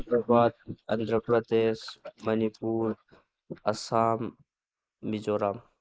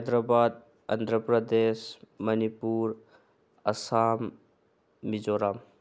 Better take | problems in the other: second | noise reduction (neural mask model Resemble Enhance denoiser)

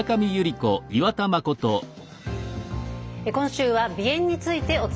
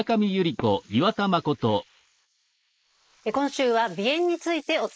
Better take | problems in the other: first | noise reduction (neural mask model Resemble Enhance denoiser)

